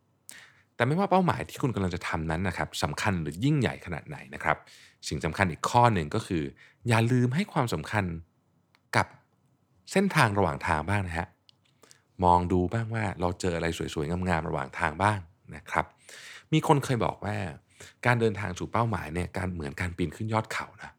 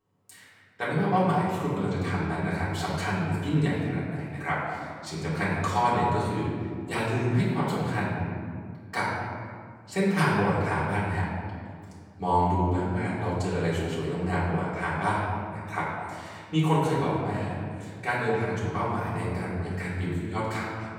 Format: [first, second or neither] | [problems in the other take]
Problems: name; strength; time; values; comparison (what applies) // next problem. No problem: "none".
first | off-mic speech; far // room echo; noticeable; dies away in 2 s